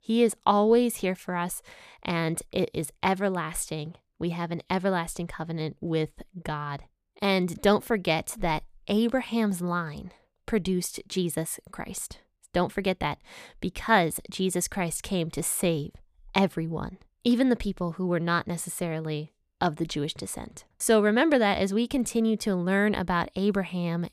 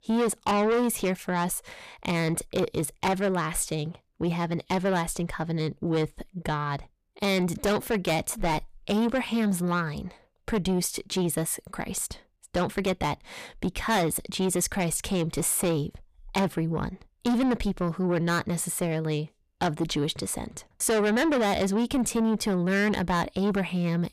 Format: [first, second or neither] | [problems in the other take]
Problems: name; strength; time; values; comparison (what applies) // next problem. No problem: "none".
first | distortion; heavy; 7 dB below the speech